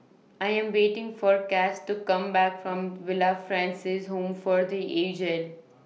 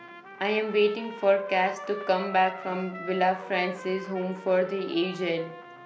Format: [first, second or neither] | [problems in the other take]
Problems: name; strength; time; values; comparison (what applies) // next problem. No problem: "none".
first | background sound (Trumpet); 15 dB below the speech